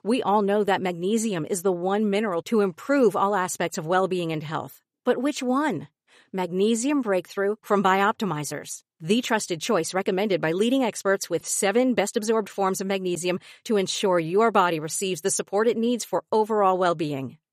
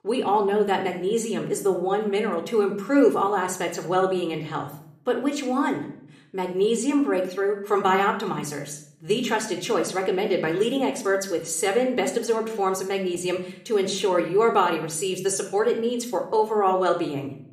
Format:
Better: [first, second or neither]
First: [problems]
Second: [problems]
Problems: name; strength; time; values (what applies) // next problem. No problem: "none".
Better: first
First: none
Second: room echo; slight; dies away in 0.5 s